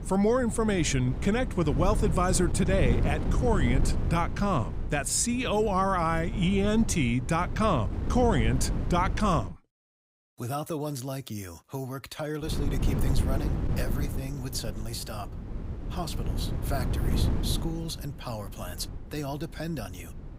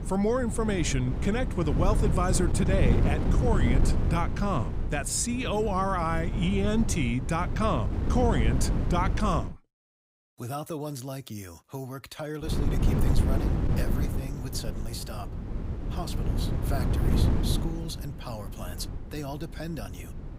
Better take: first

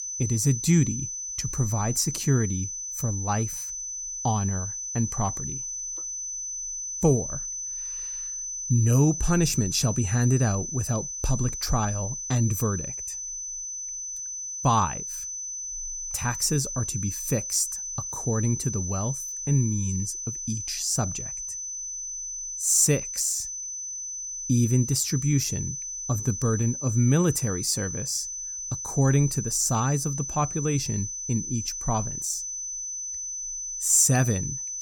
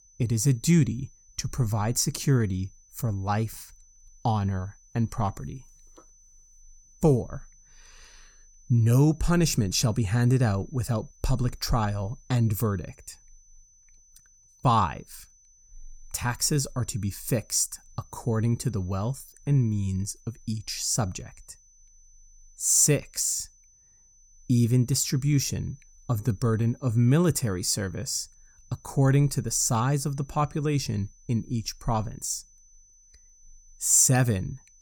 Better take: second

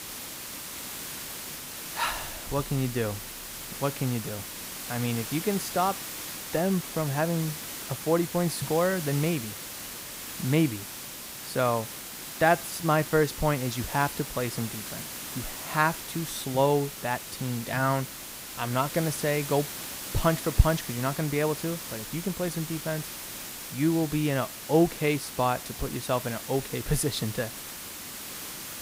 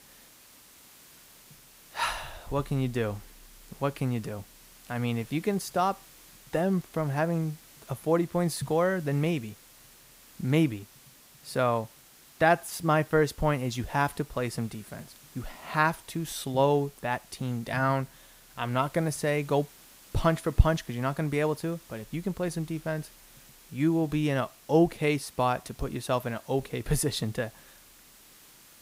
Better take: second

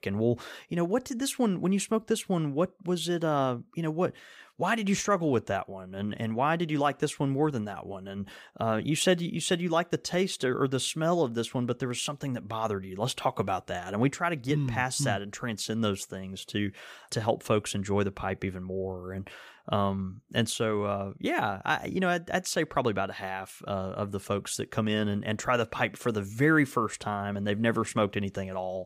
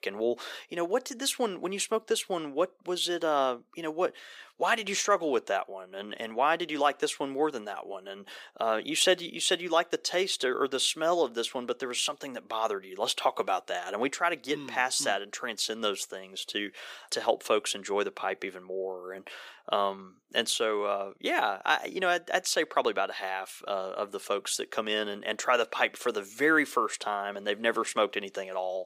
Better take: first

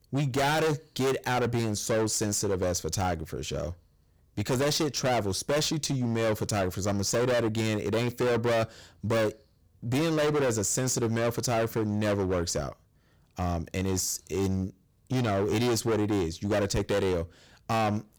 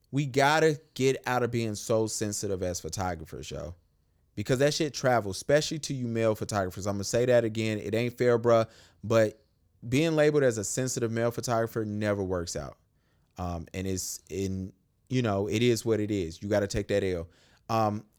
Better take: second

